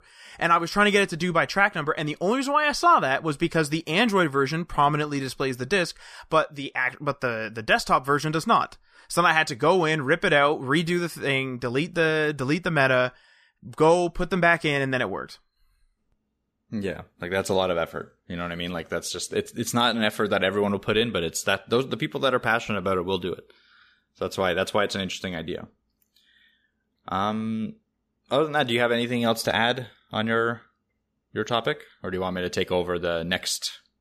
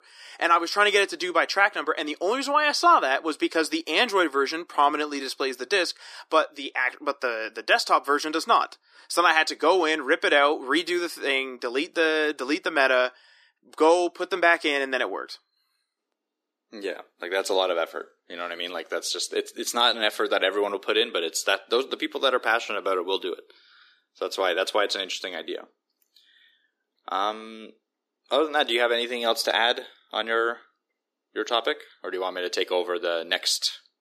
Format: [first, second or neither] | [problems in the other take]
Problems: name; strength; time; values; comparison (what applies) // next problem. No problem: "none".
first | thin; somewhat; fading below 300 Hz